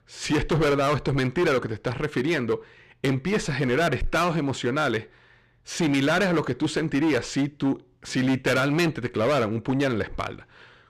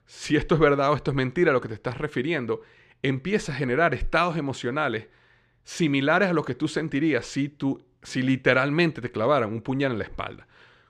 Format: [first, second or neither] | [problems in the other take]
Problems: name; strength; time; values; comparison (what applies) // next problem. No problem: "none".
second | distortion; heavy; 14% of the sound clipped